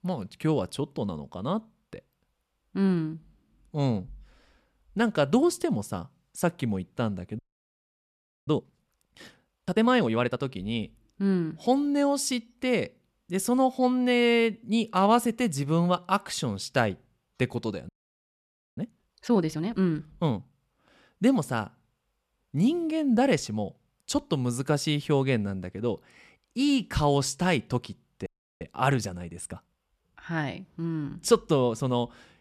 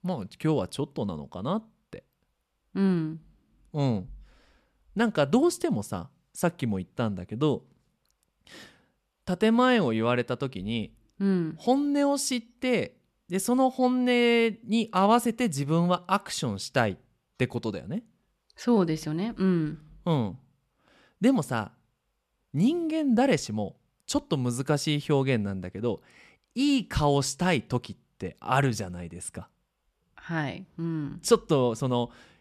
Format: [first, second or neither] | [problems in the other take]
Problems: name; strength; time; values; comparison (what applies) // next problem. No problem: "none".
second | audio freezing; at 7.5 s for 1 s, at 18 s for 1 s and at 28 s